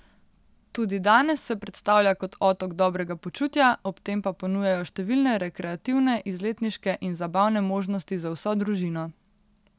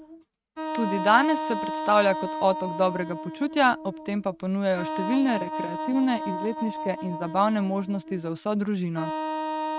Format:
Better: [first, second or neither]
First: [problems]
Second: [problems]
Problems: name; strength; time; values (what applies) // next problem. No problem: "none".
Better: first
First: none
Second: noise reduction (neural mask model RNNoise)